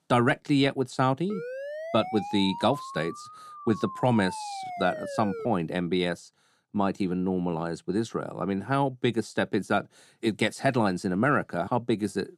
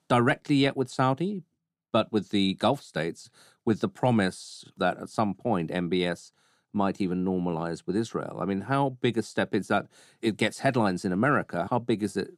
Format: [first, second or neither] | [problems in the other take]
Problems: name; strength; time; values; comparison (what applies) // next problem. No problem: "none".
second | siren; noticeable; from 1.5 to 5.5 s; peak 9 dB below the speech